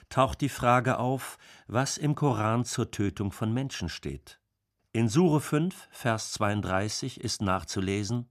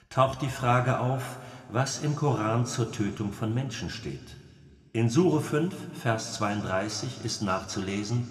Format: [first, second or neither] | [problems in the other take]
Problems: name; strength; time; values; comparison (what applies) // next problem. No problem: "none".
first | room echo; slight; dies away in 1.7 s